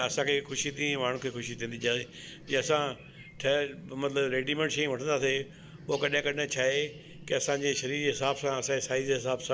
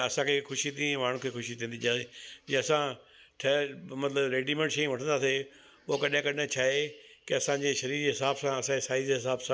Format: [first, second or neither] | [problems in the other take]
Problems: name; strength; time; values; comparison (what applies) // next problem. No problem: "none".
second | background sound (Chirp, tweet); 18 dB below the speech